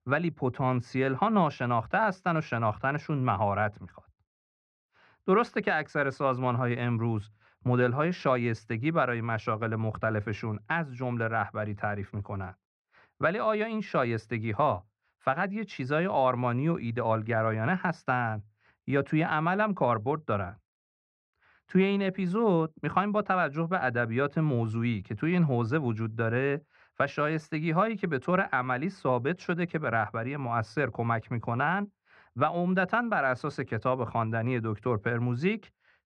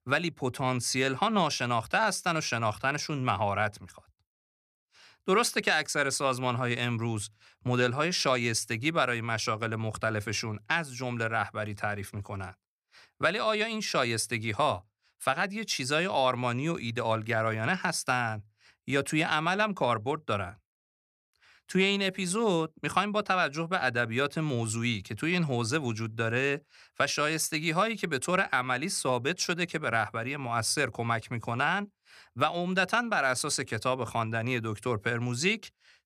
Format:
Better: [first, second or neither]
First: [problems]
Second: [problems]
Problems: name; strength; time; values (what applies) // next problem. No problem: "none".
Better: second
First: muffled; very; fading above 1.5 kHz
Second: none